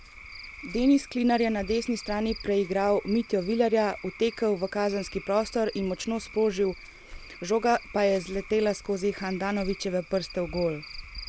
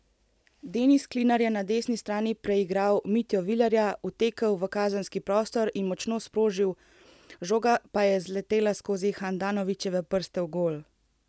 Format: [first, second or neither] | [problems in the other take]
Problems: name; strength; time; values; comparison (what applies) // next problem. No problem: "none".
second | background sound (Cricket / Frog); 16 dB below the speech